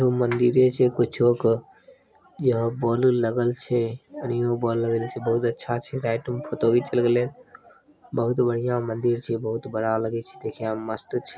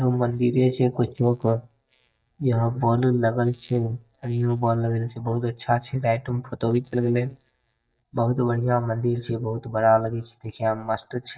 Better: first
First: none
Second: noise reduction (neural mask model DeepFilterNet 3)

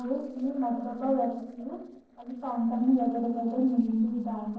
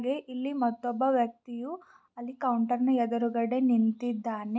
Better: second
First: noise reduction (neural separator model SepFormer DNS4)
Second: none

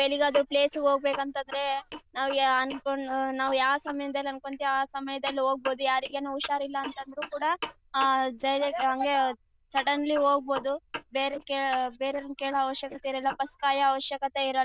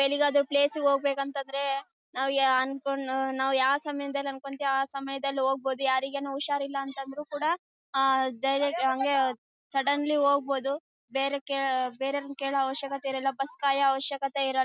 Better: second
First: noise reduction (neural diffusion model UNIVERSE++)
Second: none

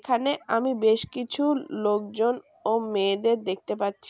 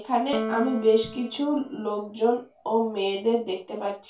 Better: first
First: none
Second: background sound (Piano); 11 dB below the speech // room echo; dies away in 0.2 s

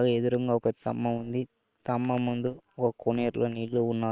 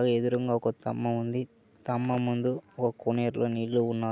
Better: second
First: noise reduction (neural separator model SepFormer WHAM!)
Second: none

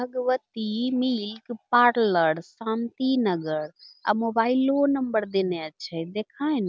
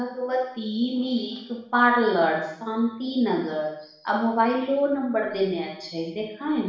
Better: first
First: none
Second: room echo; dies away in 0.7 s

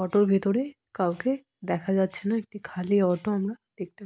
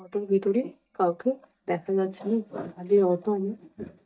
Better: first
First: none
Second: noise reduction (neural mask model DeepFilterNet 3)

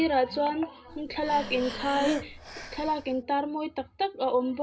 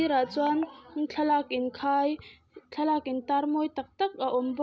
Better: second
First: background sound (Breathing); 7 dB below the speech // room echo; dies away in 0.2 s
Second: none

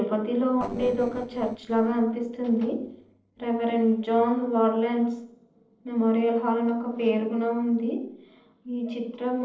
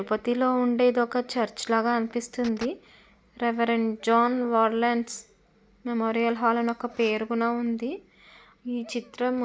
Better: second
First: noise reduction (neural separator model SepFormer DNS4)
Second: none

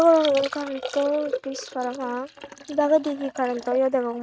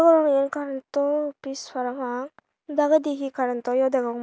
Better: second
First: noise reduction (neural mask model RNNoise)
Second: none

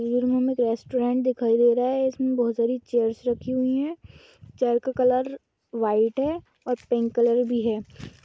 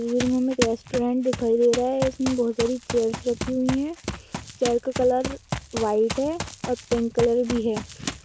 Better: first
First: none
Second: background sound (Run); 9 dB below the speech

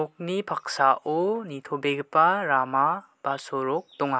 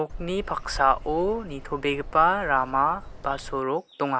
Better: first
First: none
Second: background sound (Bird vocalization, bird call, bird song); 12 dB below the speech

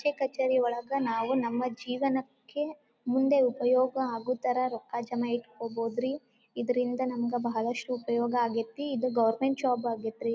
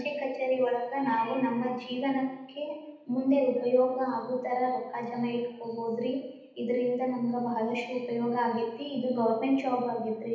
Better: first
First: none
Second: room echo; dies away in 0.9 s

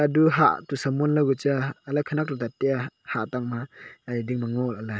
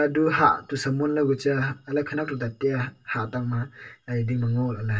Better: first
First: none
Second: room echo; dies away in 0.2 s

